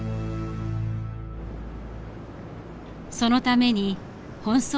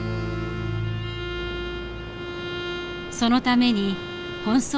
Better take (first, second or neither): first